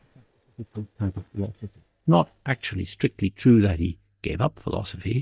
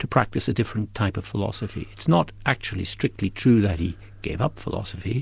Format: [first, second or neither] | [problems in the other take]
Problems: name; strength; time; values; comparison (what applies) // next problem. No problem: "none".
second | noise reduction (neural mask model DeepFilterNet 3)